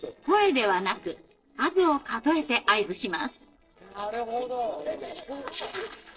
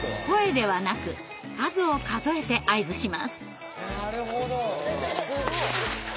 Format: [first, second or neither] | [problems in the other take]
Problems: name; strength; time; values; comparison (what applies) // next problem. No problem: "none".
second | noise reduction (neural separator model SepFormer DNS4)